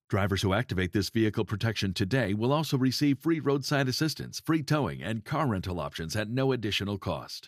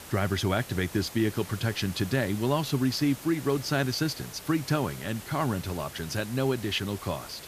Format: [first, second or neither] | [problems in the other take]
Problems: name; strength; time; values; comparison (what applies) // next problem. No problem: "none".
first | hiss; noticeable; throughout; 15 dB below the speech